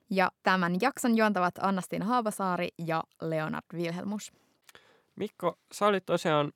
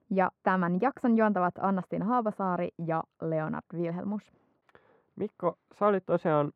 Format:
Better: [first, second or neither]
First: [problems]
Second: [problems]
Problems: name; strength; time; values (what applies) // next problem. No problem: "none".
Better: first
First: none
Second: muffled; very; fading above 3 kHz